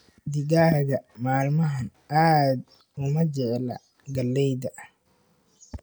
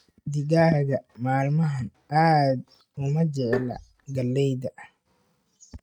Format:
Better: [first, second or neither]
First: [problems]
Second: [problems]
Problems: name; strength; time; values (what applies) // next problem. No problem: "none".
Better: first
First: none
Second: noise reduction (neural mask model RNNoise)